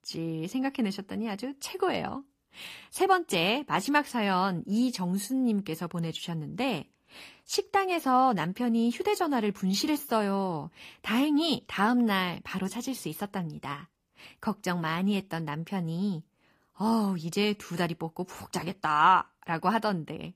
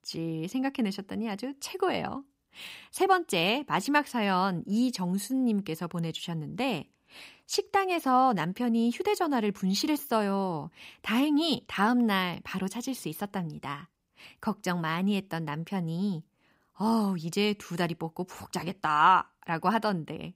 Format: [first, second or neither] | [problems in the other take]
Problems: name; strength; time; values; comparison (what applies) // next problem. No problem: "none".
second | garbled, watery; slightly; nothing above 15.5 kHz